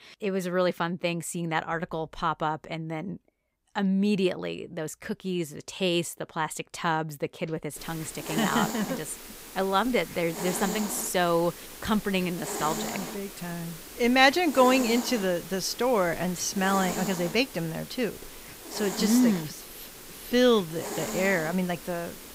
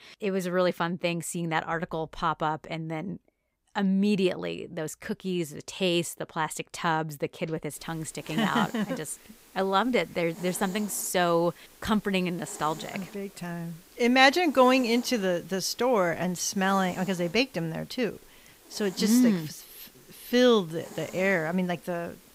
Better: second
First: hiss; loud; from 8 s on; 9 dB below the speech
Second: hiss; faint; from 8 s on; 20 dB below the speech

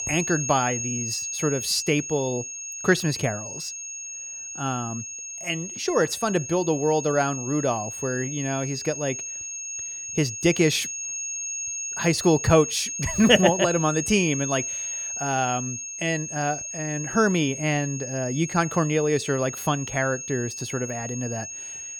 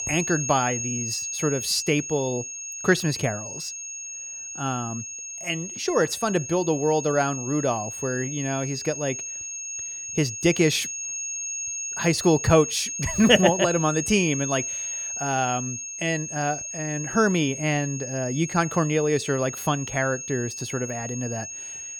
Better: neither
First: high-pitched whine; loud; throughout; 6.5 kHz, 6 dB below the speech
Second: high-pitched whine; loud; throughout; 6.5 kHz, 6 dB below the speech

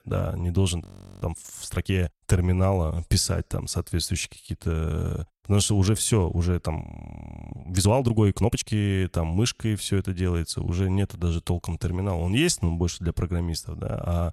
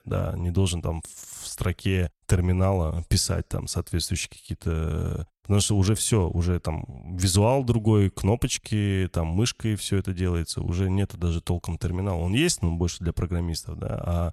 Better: second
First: audio freezing; at 1 s and at 7 s for 0.5 s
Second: none

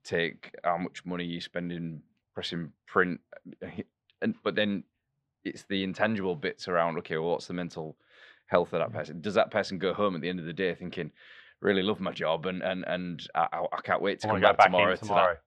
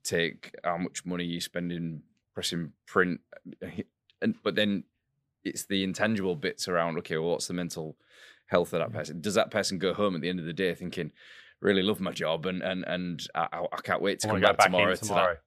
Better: second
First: muffled; slightly; fading above 3 kHz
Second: none

